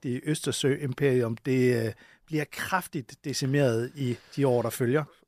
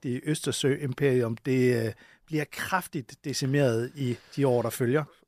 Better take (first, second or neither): neither